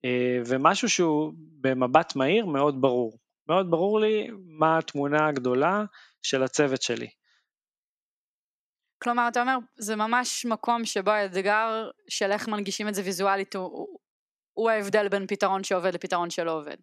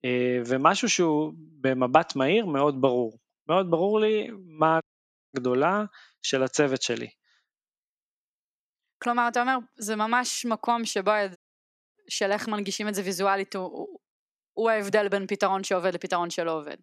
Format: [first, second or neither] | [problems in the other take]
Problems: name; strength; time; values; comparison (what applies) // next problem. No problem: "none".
first | audio cutting out; at 5 s for 0.5 s and at 11 s for 0.5 s